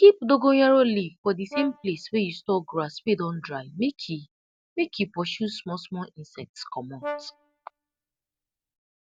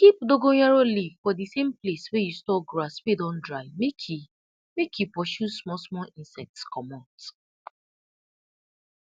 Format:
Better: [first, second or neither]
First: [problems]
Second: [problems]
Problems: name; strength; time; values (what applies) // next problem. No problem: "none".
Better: second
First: background sound (Brass instrument); 14 dB below the speech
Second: none